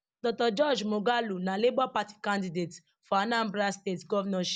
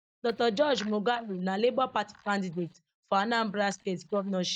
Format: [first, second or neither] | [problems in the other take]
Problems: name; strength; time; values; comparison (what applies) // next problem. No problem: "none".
first | noise reduction (neural mask model DeepFilterNet 3)